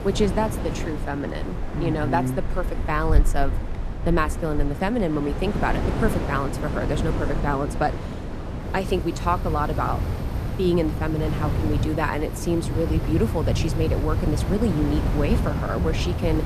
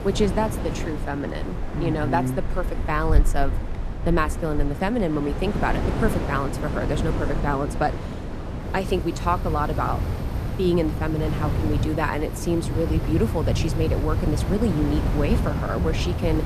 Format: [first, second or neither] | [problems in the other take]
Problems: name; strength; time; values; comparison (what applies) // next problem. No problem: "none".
neither | wind in the background; loud; throughout; 2 dB below the speech; the same in both